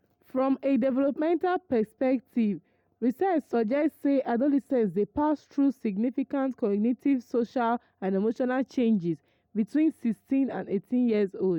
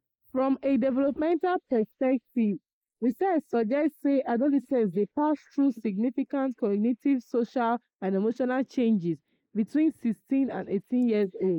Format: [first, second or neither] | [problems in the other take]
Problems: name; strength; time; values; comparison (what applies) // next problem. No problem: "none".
first | noise reduction (neural mask model Resemble Enhance denoiser)